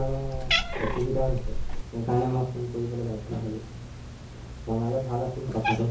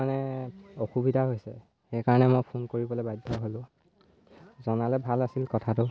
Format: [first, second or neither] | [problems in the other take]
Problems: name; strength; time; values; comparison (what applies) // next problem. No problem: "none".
second | background sound (Cat); 2 dB below the speech // room echo; dies away in 0.6 s